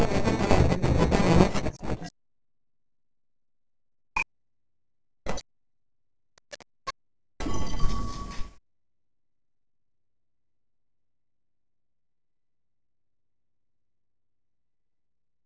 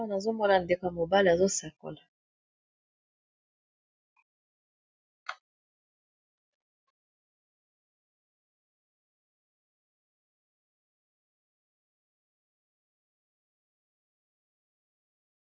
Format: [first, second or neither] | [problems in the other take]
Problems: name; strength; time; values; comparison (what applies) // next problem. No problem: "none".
second | noise reduction (neural separator model SepFormer DNS4)